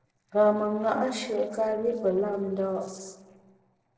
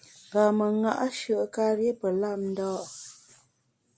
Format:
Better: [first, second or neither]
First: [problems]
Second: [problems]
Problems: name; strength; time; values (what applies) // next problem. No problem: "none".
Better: second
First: noise reduction (neural separator model SepFormer DNS4)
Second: none